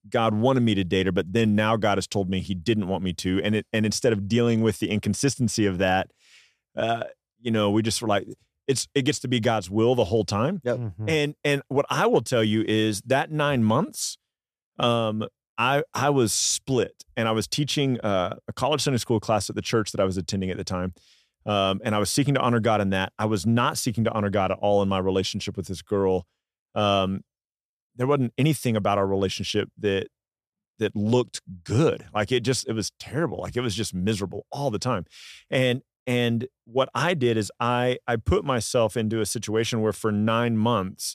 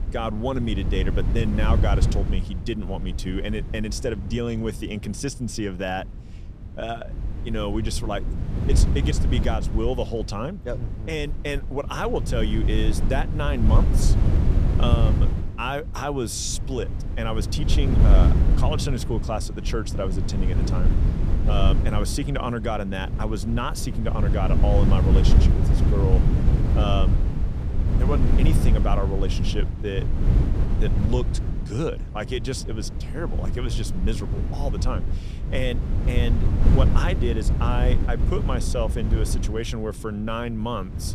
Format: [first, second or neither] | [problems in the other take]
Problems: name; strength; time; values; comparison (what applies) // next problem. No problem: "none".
first | wind noise on the microphone; heavy; 6 dB below the speech